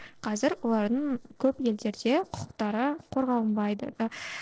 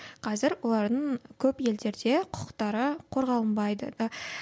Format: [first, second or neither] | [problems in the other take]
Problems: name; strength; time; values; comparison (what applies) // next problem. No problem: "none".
second | noise reduction (neural separator model SepFormer DNS4)